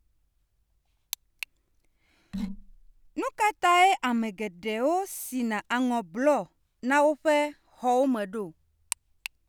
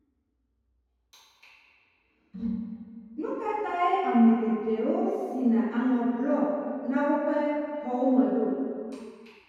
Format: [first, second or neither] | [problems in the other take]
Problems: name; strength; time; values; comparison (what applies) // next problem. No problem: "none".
first | room echo; dies away in 2.2 s